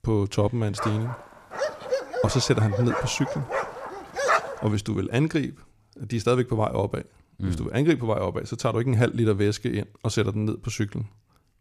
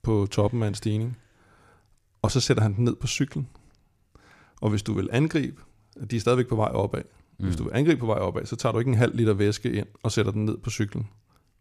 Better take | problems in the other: second | dog barking; loud; from 1 to 4.5 s; peak 3 dB above the speech

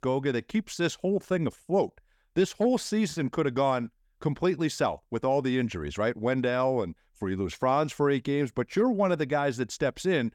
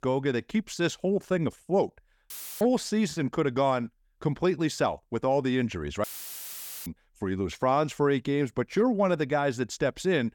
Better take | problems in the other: first | audio cutting out; filled with static; at 2.5 s and at 6 s for 1 s

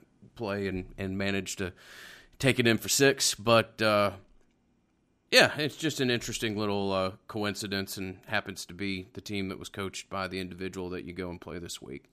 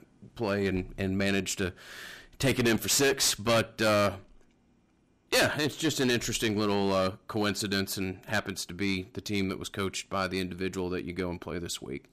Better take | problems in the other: first | distortion; heavy; 7% of the sound clipped

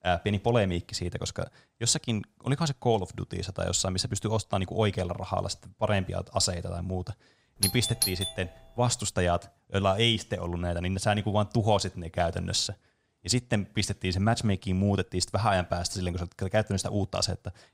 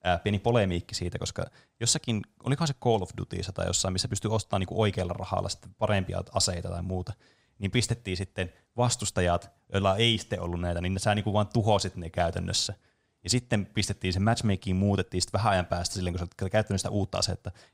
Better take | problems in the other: second | doorbell; loud; at 7.5 s; peak 1 dB above the speech

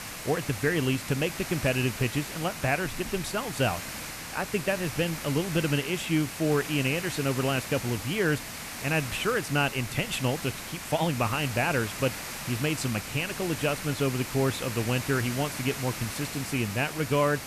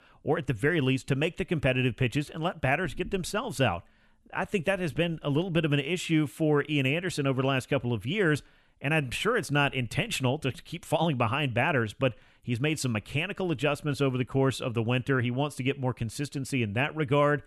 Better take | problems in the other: second | hiss; loud; throughout; 7 dB below the speech

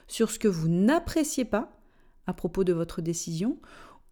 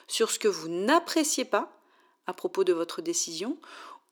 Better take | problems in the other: first | thin; somewhat; fading below 300 Hz

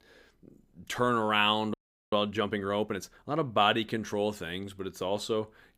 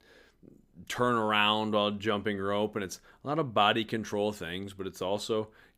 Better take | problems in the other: second | audio freezing; at 1.5 s

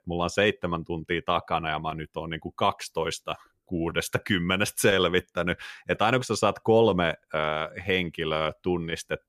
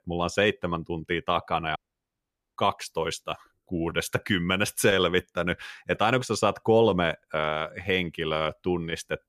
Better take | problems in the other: first | audio cutting out; at 2 s for 1 s

